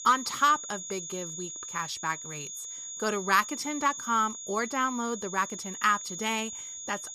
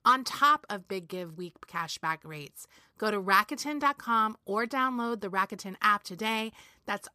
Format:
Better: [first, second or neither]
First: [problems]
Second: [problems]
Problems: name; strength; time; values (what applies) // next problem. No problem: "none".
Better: second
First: high-pitched whine; loud; throughout; 6.5 kHz, 8 dB below the speech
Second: none